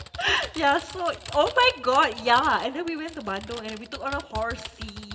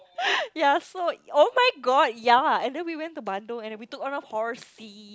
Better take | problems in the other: second | background sound (Typing); 15 dB below the speech // room echo; dies away in 1.3 s

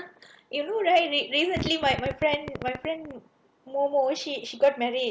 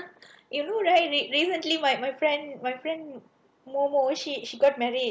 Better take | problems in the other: second | background sound (Fart); 9 dB below the speech

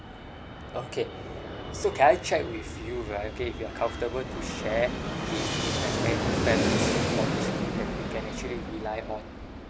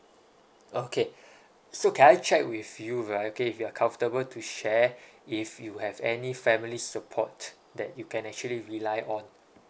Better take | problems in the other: second | background sound (Fixed-wing aircraft, airplane); as loud as the speech

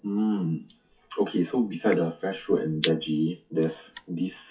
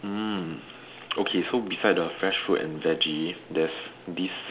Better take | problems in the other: second | noise reduction (classical method WPE with log-MMSE)

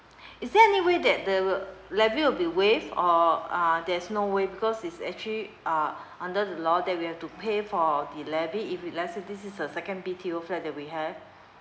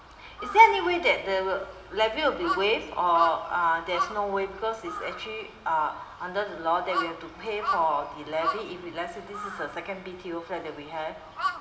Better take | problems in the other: first | background sound (Crow); 9 dB below the speech // room echo; dies away in 2.1 s

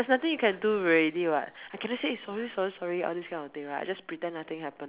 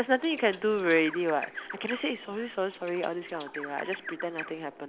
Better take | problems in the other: first | background sound (Bird); 13 dB below the speech

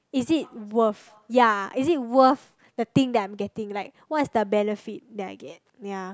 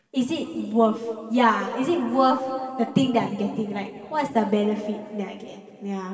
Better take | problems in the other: first | room echo; dies away in 2.7 s

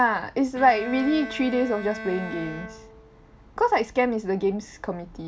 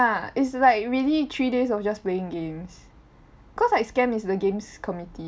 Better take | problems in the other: second | background sound (Bowed string instrument); 15 dB below the speech

